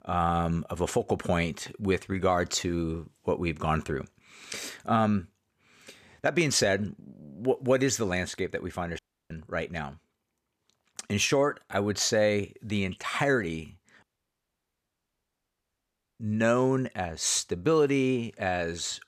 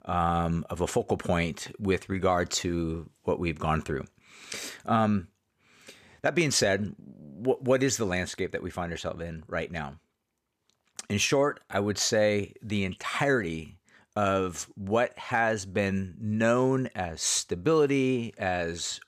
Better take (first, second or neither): second